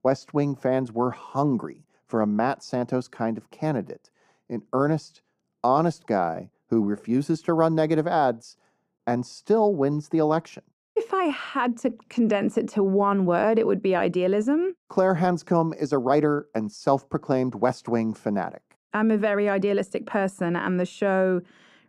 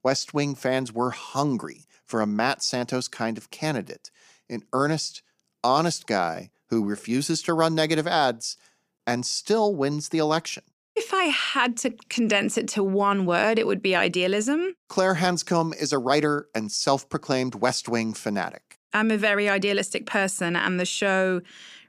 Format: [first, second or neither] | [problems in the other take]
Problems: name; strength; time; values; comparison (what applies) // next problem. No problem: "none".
second | muffled; very; fading above 2 kHz